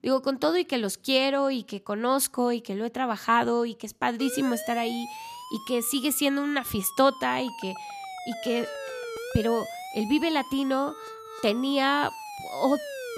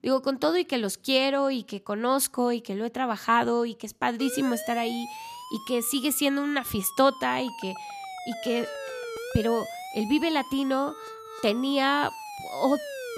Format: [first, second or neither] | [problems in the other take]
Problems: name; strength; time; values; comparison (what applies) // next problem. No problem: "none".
neither | siren; noticeable; from 4 s on; peak 9 dB below the speech; the same in both